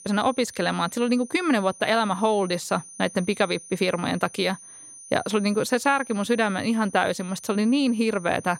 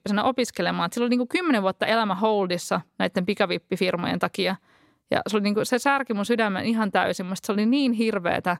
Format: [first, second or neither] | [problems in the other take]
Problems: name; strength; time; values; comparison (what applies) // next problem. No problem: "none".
second | high-pitched whine; noticeable; throughout; 9.5 kHz, 20 dB below the speech